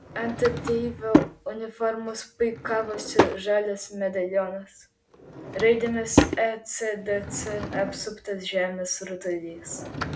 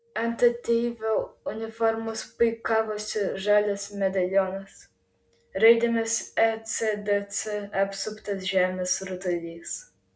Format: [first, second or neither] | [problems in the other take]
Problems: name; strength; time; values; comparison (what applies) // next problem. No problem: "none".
second | background sound (Drawer open or close / Wood); 2 dB below the speech